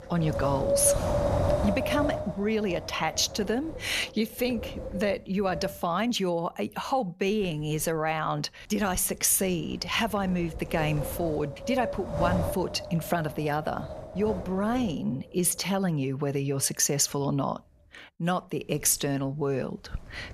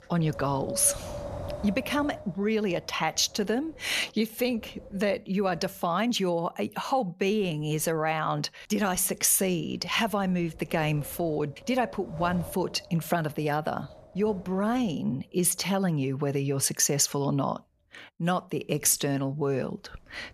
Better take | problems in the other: second | wind noise on the microphone; heavy; 4 dB below the speech; occasional gusts in the second

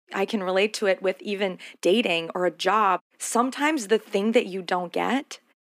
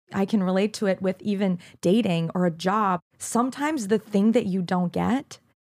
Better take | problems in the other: second | thin; somewhat; fading below 250 Hz

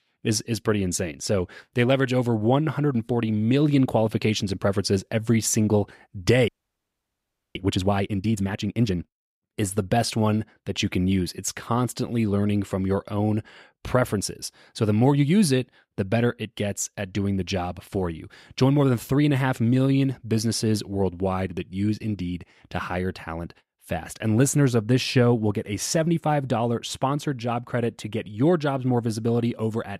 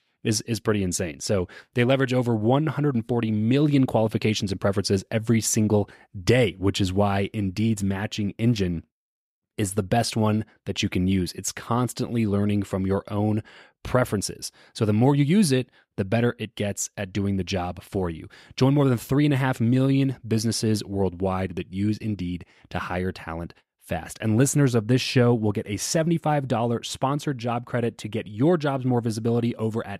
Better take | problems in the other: second | audio freezing; at 6.5 s for 1 s

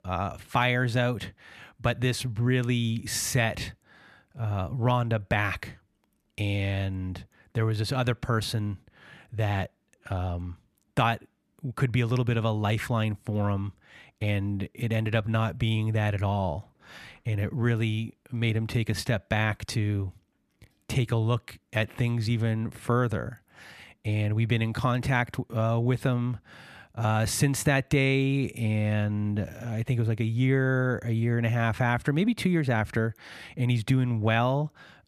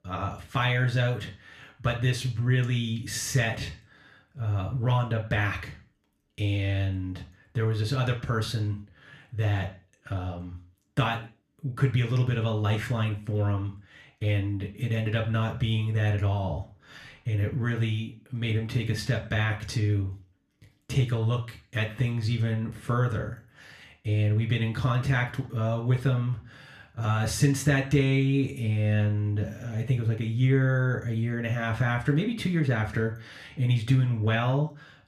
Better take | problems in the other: first | room echo; slight; dies away in 0.4 s // off-mic speech; somewhat distant

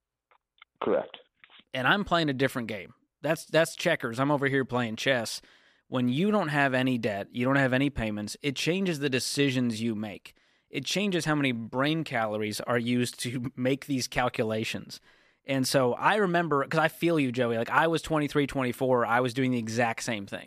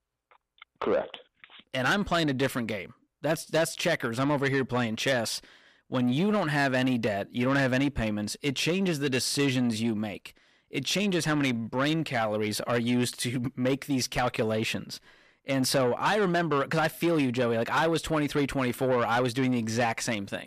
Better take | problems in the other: first | distortion; slight; 10 dB below the speech

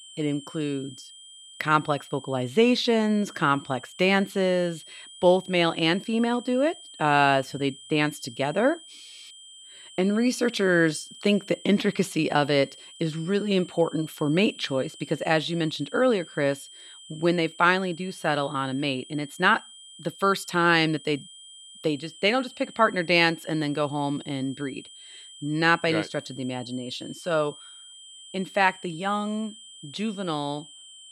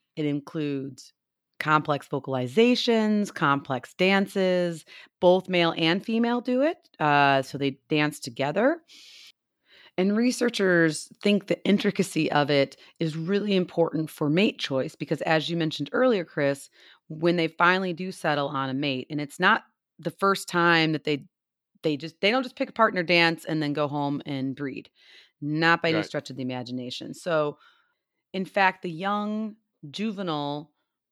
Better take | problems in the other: second | high-pitched whine; noticeable; throughout; 3 kHz, 20 dB below the speech

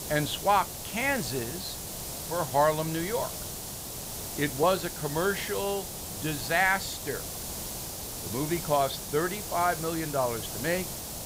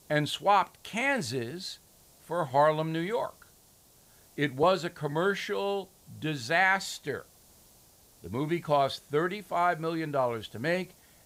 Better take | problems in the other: second | hiss; loud; throughout; 6 dB below the speech; faint in the second

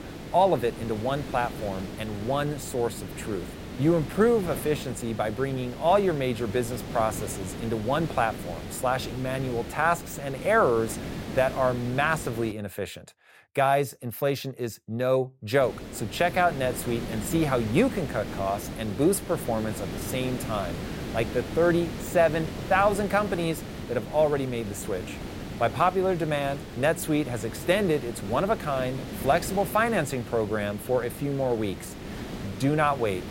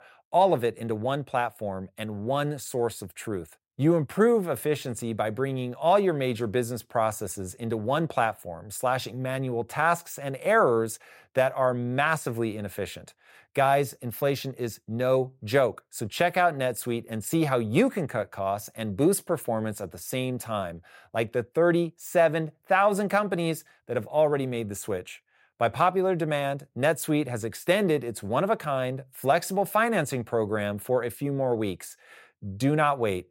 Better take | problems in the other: second | hiss; noticeable; until 13 s and from 16 s on; 10 dB below the speech

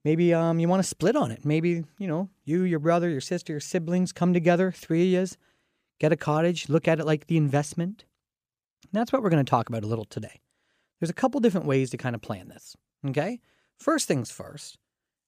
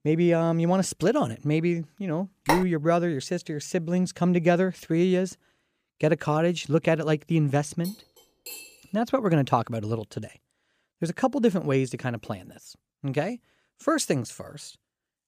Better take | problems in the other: first | phone ringing; noticeable; at 2.5 s; peak 1 dB below the speech // clattering dishes; faint; at 8 s; peak 15 dB below the speech

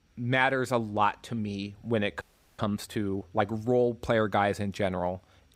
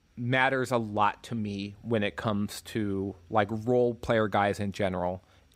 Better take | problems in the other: second | audio freezing; at 2 s

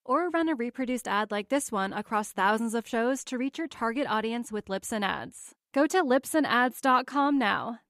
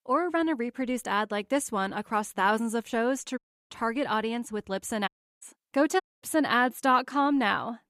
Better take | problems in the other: first | audio cutting out; at 3.5 s, at 5 s and at 6 s

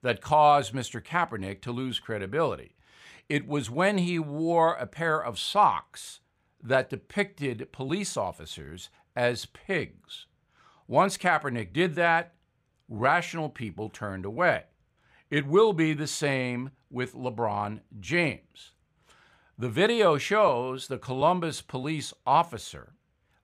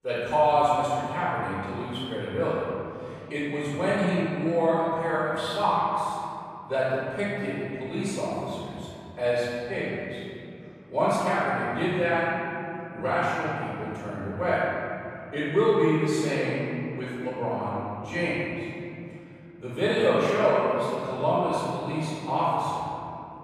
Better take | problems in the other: first | off-mic speech; far // room echo; strong; dies away in 2.8 s

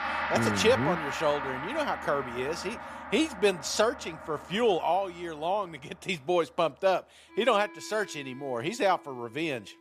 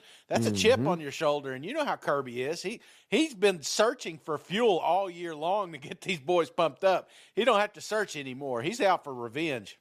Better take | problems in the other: second | background music; loud; throughout; 7 dB below the speech

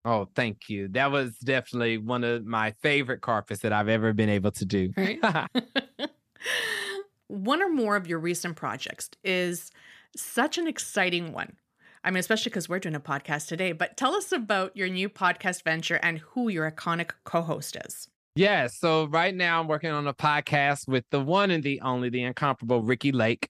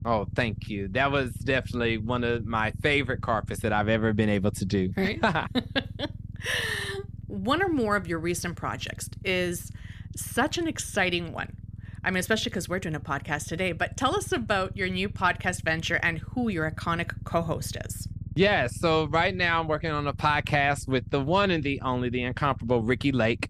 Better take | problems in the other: first | low rumble; faint; throughout; 25 dB below the speech

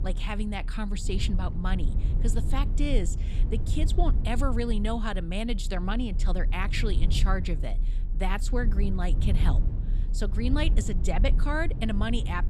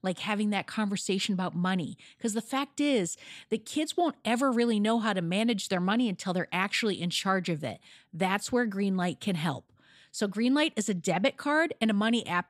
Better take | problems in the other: second | low rumble; noticeable; throughout; 10 dB below the speech

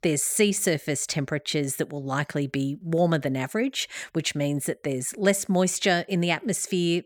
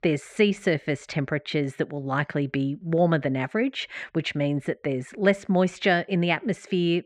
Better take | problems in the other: first | muffled; very; fading above 2.5 kHz

